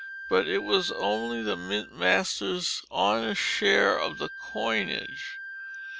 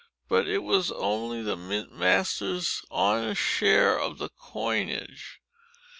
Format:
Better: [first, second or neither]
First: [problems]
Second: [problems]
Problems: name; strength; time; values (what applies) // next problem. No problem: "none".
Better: second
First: background sound (Wind instrument, woodwind instrument); 13 dB below the speech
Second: none